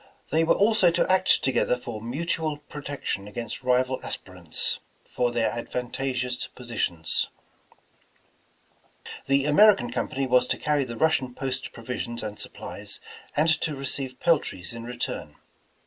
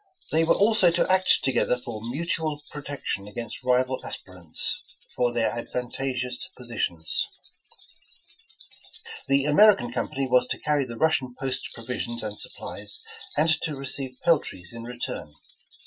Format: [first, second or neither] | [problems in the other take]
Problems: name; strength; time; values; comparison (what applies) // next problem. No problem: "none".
first | noise reduction (classical method Wiener filter)